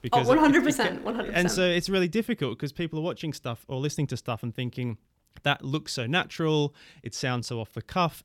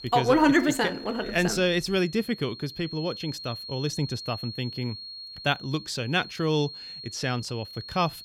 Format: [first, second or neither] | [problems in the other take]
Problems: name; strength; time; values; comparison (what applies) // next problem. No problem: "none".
first | high-pitched whine; noticeable; throughout; 4.5 kHz, 10 dB below the speech